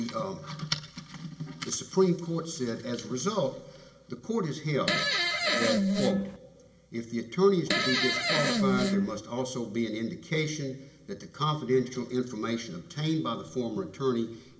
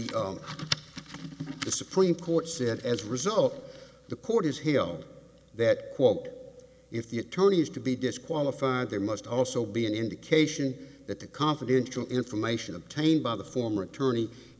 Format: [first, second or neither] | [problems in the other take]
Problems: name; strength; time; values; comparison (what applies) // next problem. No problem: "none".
second | background sound (Fart); 4 dB above the speech // room echo; dies away in 1.5 s